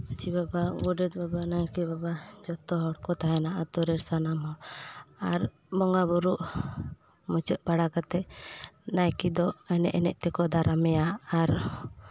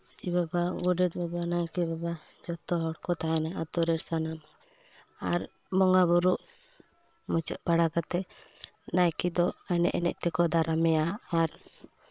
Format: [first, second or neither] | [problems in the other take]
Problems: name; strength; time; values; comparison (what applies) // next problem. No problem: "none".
first | noise reduction (neural separator model SepFormer WHAM!)